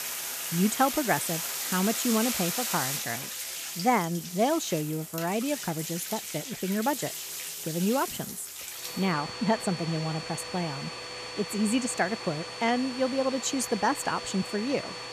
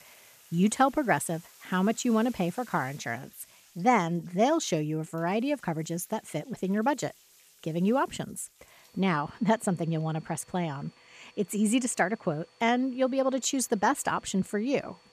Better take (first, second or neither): second